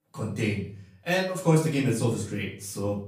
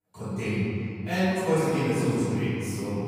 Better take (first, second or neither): first